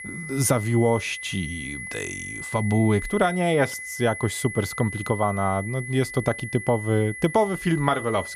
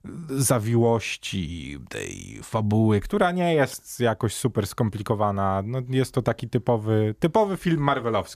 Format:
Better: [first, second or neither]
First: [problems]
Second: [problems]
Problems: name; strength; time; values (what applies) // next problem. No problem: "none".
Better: second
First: high-pitched whine; loud; throughout; 2 kHz, 9 dB below the speech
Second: none